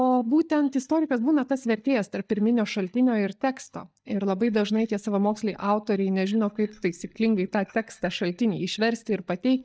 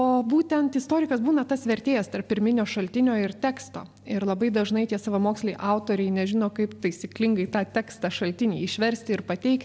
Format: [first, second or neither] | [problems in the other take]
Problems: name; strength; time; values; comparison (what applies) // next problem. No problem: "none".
second | noise reduction (neural mask model DeepFilterNet 3)